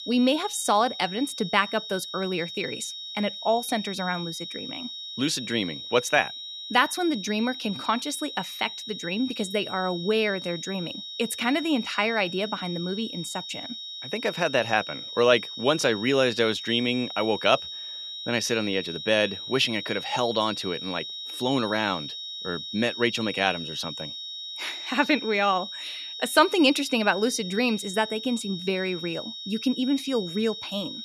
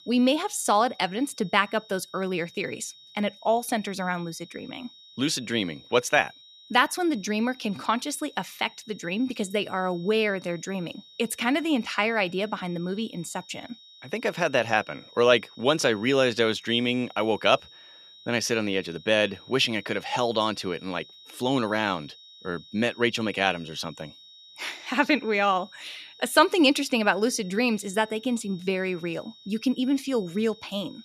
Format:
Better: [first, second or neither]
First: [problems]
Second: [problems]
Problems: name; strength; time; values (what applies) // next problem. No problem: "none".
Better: second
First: high-pitched whine; loud; throughout; 4 kHz, 8 dB below the speech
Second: high-pitched whine; faint; throughout; 4 kHz, 20 dB below the speech